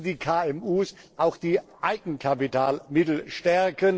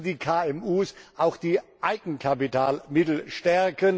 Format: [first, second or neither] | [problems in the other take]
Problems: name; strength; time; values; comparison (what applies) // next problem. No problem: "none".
second | noise reduction (neural separator model SepFormer DNS4)